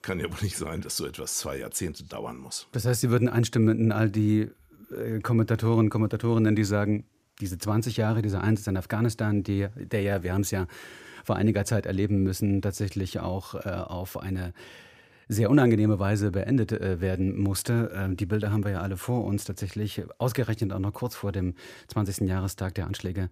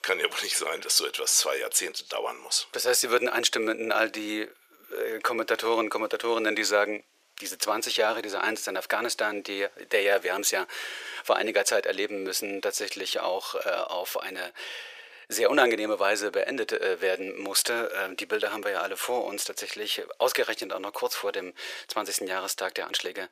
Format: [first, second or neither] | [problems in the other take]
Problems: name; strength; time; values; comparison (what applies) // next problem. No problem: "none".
first | thin; very; fading below 500 Hz